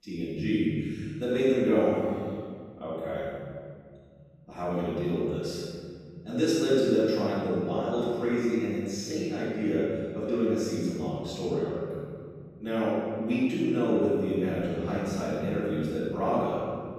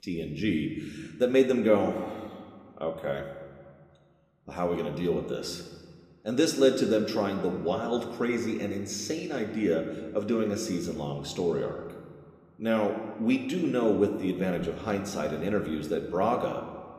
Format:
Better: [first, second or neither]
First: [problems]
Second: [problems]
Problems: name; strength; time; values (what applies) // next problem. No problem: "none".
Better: second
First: room echo; strong; dies away in 2.6 s // off-mic speech; far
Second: room echo; slight; dies away in 1.3 s